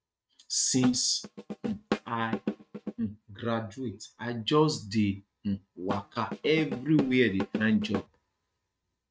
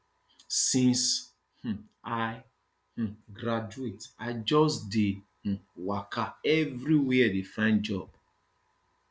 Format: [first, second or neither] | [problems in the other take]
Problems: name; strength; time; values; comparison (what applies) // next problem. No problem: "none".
second | noise reduction (neural mask model RNNoise)